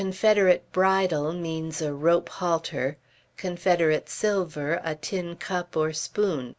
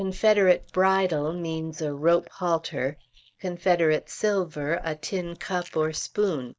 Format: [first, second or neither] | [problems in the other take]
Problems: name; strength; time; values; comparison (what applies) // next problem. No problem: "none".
first | noise reduction (neural mask model DeepFilterNet 3)